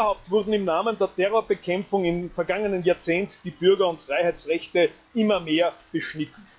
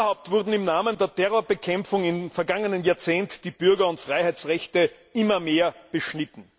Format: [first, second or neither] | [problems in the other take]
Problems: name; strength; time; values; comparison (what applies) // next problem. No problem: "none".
second | noise reduction (classical method log-MMSE)